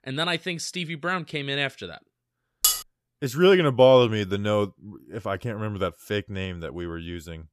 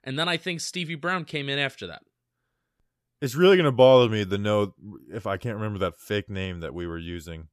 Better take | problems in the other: second | clattering dishes; loud; at 2.5 s; peak 2 dB above the speech

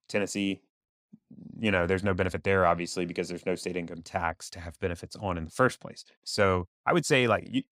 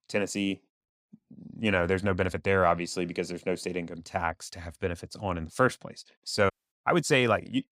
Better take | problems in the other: first | audio cutting out; at 6.5 s

